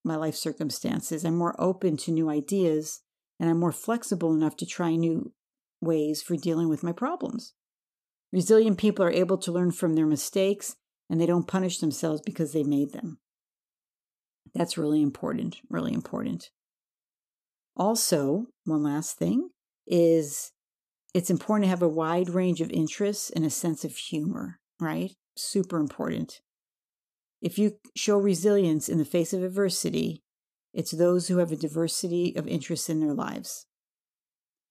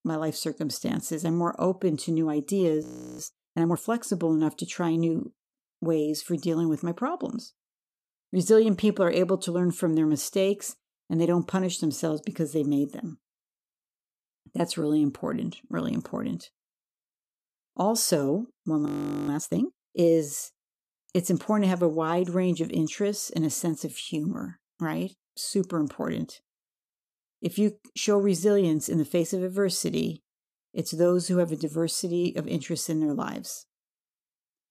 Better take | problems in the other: first | audio freezing; at 3 s and at 19 s

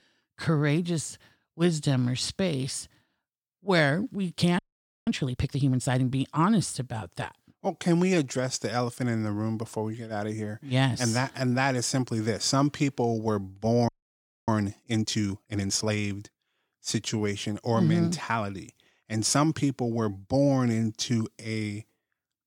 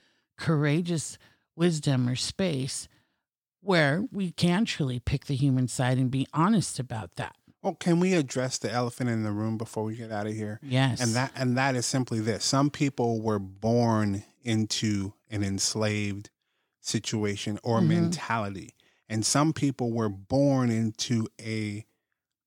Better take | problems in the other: second | audio freezing; at 4.5 s and at 14 s for 0.5 s

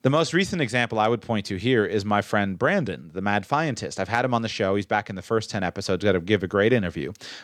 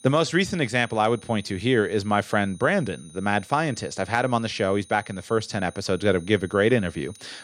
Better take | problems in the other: first | high-pitched whine; faint; throughout; 9.5 kHz, 25 dB below the speech

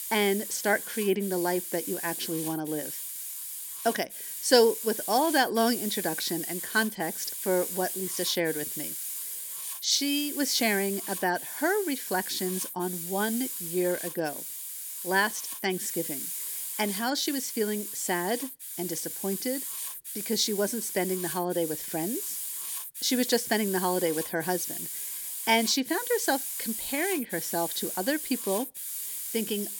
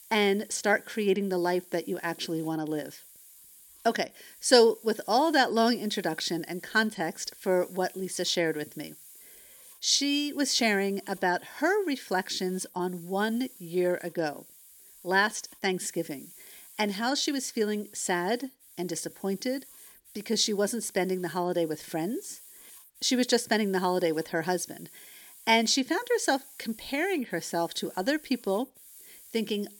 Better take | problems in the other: second | hiss; loud; throughout; 4 dB below the speech; faint in the second

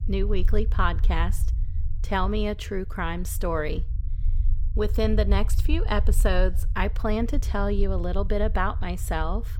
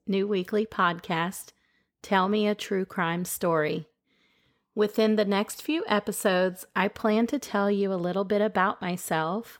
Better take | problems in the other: second | low rumble; noticeable; throughout; 20 dB below the speech

